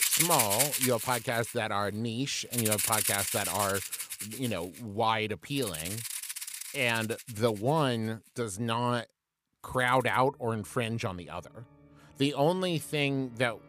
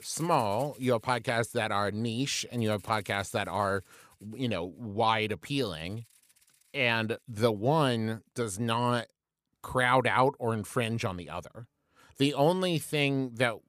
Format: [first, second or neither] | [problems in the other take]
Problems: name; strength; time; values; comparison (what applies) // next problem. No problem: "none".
second | background music; loud; throughout; as loud as the speech; faint in the second